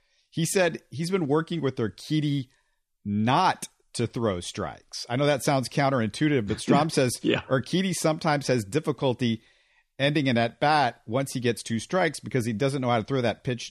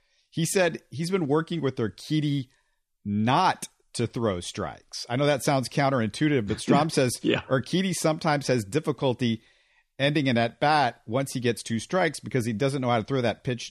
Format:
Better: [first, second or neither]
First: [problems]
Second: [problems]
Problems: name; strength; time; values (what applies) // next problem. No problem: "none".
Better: neither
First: none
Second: none